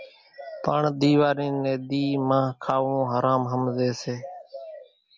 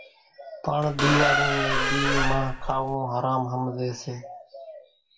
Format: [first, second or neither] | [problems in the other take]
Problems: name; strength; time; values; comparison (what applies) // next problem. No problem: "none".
first | background sound (Squeak); 3 dB above the speech // room echo; dies away in 0.3 s